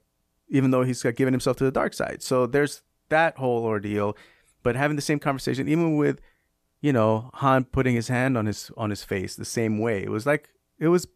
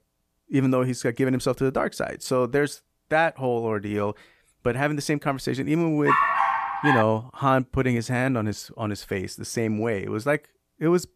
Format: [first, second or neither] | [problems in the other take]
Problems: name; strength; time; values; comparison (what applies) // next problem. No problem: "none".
first | dog barking; loud; at 6 s; peak 5 dB above the speech